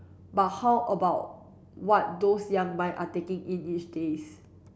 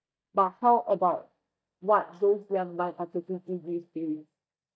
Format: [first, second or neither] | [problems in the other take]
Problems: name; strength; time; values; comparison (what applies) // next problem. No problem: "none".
first | noise reduction (neural mask model DeepFilterNet 3)